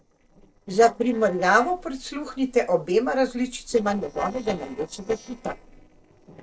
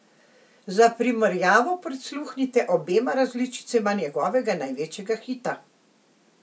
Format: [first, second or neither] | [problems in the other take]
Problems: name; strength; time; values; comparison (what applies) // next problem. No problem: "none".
second | noise reduction (neural separator model SepFormer DNS4)